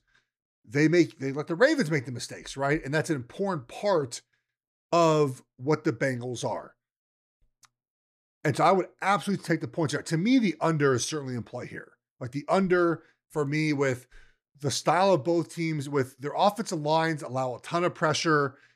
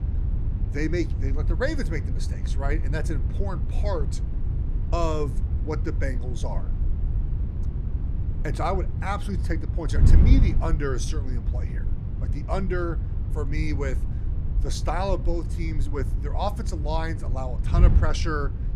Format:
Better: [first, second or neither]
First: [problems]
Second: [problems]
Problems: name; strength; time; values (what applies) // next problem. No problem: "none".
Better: first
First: none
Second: wind noise on the microphone; occasional gusts; 10 dB below the speech